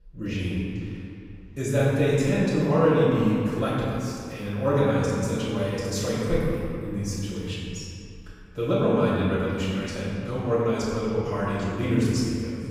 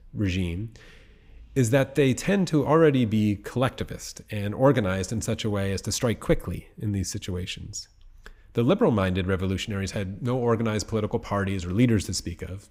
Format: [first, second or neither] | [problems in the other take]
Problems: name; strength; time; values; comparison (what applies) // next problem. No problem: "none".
second | off-mic speech; far // room echo; strong; dies away in 2.1 s